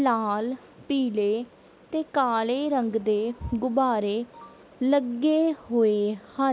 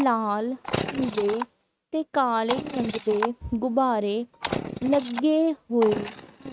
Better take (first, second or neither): first